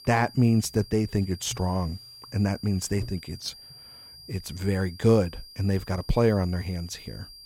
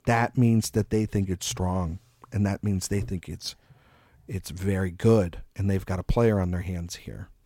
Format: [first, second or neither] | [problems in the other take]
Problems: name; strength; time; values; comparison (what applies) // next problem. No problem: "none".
second | high-pitched whine; noticeable; throughout; 5 kHz, 20 dB below the speech